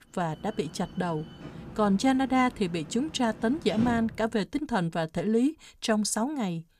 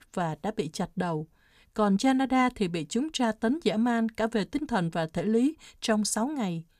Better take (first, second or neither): second